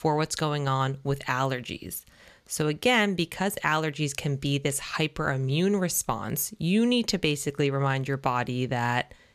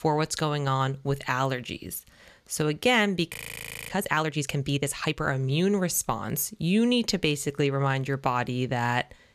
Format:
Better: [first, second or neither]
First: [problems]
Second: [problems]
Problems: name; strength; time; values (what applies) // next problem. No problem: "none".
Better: first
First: none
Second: audio freezing; at 3.5 s for 0.5 s